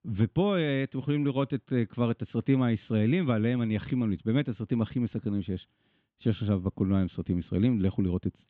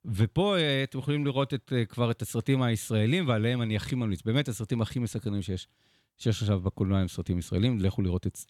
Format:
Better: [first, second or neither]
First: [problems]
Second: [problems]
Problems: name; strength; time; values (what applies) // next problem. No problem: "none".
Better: second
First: muffled; very slightly; fading above 3 kHz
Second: none